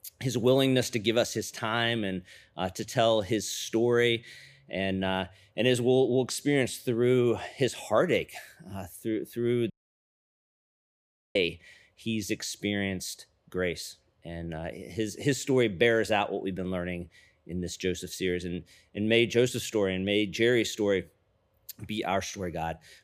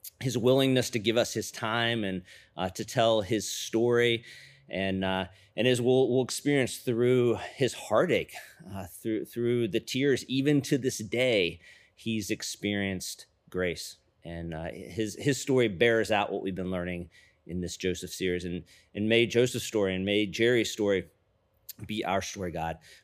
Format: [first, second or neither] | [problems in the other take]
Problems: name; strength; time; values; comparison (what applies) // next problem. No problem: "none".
second | audio cutting out; at 9.5 s for 1.5 s